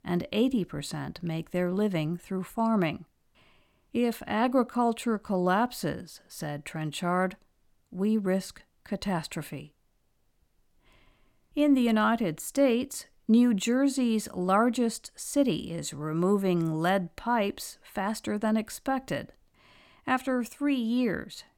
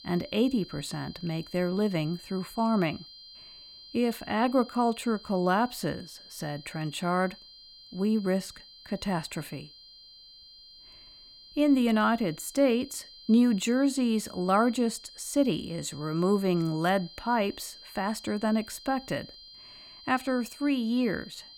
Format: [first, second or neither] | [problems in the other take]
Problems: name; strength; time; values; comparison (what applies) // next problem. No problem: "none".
first | high-pitched whine; noticeable; throughout; 4 kHz, 20 dB below the speech